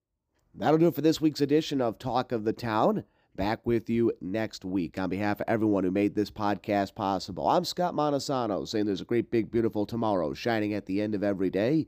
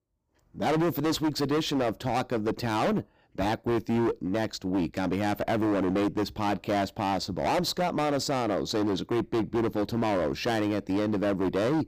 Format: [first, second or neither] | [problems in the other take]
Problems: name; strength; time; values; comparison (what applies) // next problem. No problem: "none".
first | distortion; heavy; 23% of the sound clipped